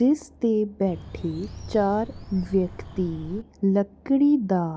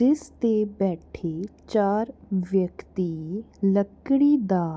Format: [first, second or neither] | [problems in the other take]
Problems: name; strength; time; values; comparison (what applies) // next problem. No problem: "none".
second | background sound (Bird); 15 dB below the speech